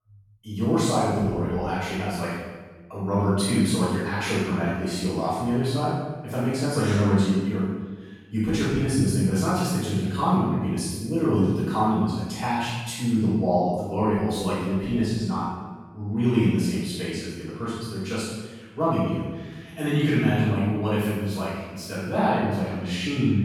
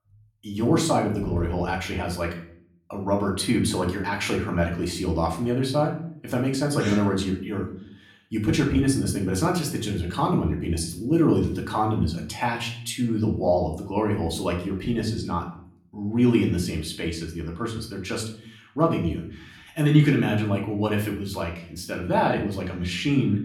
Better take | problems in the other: second | room echo; strong; dies away in 1.1 s; slight in the second // off-mic speech; far; far in the second

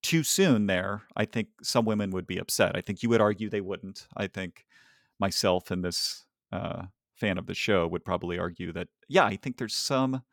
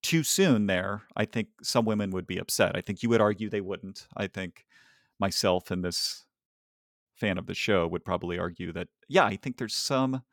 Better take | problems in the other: first | audio cutting out; at 6.5 s for 0.5 s

